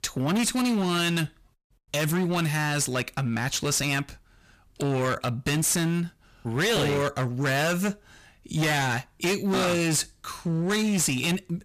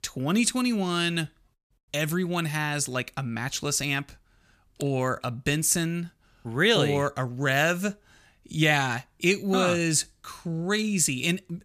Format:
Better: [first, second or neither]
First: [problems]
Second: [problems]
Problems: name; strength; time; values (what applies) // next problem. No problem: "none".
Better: second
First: distortion; heavy; 21% of the sound clipped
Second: none